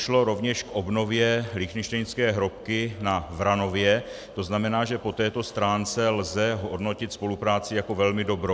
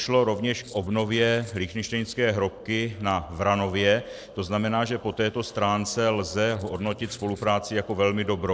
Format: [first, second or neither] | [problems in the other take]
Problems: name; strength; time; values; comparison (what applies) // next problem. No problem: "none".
first | noise reduction (neural separator model SepFormer DNS4)